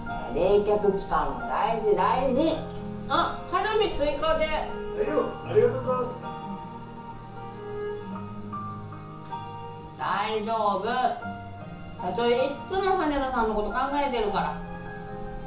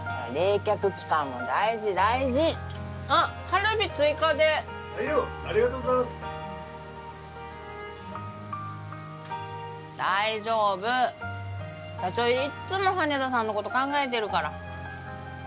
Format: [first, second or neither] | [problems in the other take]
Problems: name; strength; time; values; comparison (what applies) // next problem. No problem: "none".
second | background sound (Cricket); 13 dB below the speech // room echo; dies away in 0.8 s